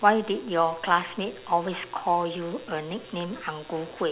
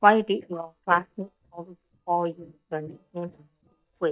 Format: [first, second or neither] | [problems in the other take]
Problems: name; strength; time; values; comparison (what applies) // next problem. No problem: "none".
first | noise reduction (neural mask model DeepFilterNet 3)